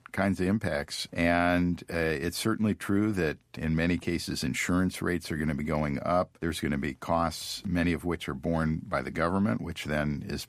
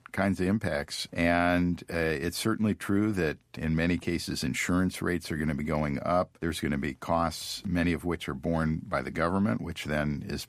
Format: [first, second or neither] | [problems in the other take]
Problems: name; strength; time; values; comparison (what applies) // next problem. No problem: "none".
neither | none